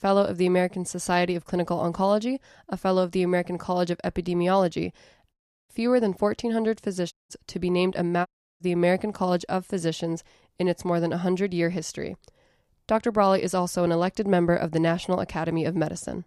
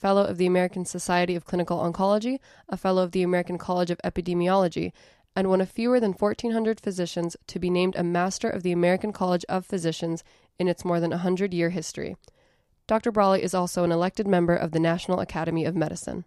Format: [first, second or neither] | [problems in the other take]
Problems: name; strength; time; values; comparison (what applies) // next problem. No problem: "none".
second | audio cutting out; at 5.5 s, at 7 s and at 8.5 s